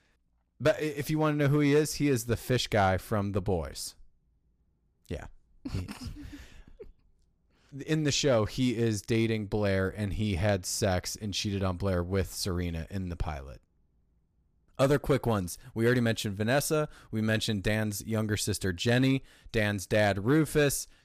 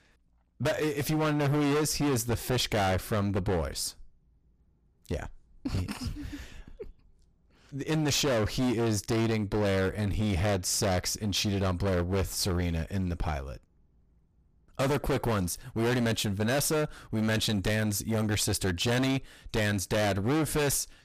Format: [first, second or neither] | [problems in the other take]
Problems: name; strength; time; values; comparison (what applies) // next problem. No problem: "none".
first | distortion; heavy; 21% of the sound clipped